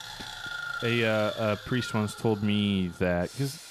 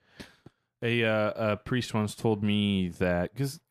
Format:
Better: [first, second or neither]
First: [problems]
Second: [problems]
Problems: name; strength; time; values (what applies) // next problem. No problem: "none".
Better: second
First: machinery noise; noticeable; throughout; 10 dB below the speech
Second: none